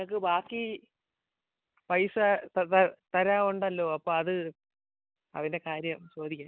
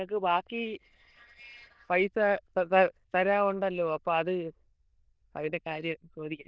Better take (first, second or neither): first